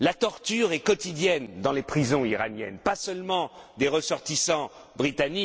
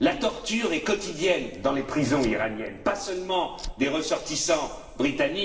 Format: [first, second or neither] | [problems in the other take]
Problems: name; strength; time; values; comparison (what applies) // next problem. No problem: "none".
first | background sound (Fire); 17 dB below the speech // room echo; dies away in 1 s